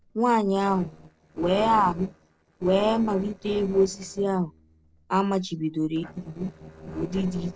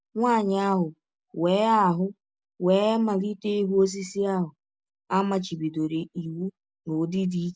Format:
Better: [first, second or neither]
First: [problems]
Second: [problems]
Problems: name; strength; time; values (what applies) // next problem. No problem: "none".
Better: second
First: noise reduction (neural separator model SepFormer DNS4)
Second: none